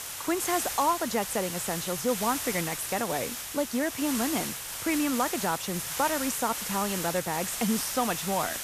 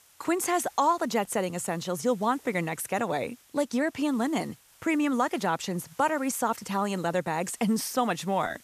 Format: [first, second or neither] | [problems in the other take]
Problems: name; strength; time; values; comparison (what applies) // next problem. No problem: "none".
second | hiss; loud; throughout; 3 dB below the speech; faint in the second